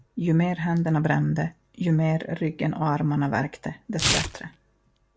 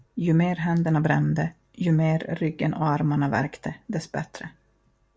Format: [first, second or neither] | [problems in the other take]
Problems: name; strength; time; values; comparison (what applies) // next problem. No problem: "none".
second | background sound (Tearing); 8 dB below the speech